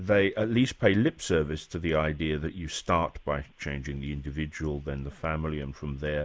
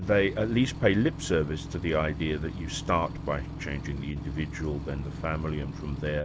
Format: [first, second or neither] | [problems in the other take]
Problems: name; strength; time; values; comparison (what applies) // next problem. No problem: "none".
first | background sound (Engine / Truck / Car); 8 dB below the speech